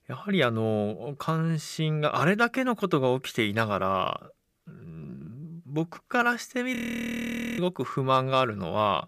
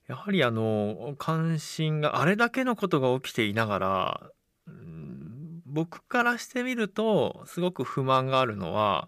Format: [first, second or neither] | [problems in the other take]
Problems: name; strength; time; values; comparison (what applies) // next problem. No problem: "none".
second | audio freezing; at 7 s for 1 s